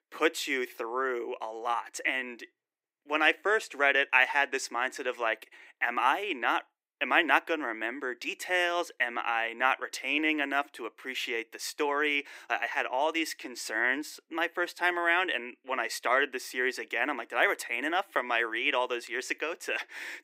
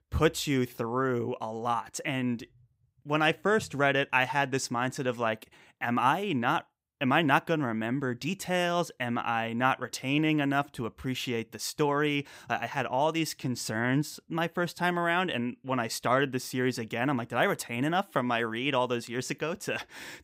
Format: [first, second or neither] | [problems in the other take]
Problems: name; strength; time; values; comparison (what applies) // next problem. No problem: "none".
second | thin; somewhat; fading below 300 Hz